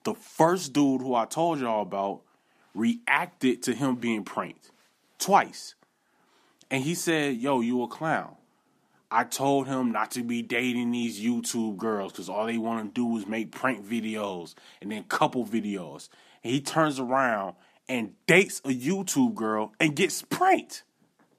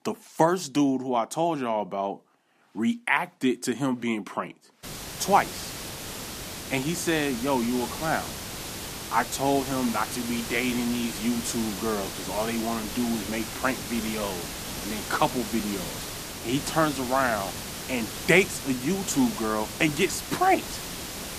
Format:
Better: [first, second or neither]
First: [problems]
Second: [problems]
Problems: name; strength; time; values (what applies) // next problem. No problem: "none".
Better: first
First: none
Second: hiss; loud; from 5 s on; 7 dB below the speech